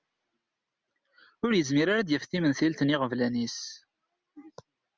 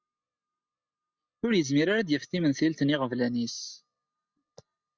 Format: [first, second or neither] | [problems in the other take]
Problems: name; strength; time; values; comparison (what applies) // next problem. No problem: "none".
first | noise reduction (neural mask model DeepFilterNet 3)